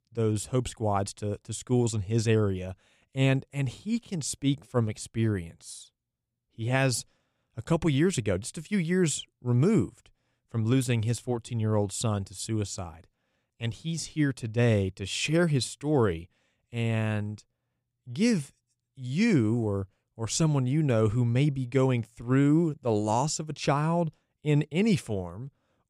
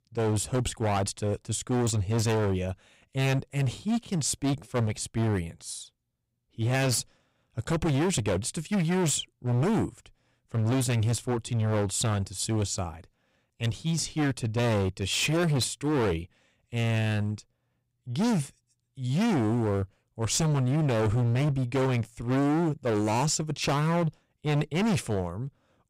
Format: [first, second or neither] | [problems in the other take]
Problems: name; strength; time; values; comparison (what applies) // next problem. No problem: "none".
first | distortion; heavy; 21% of the sound clipped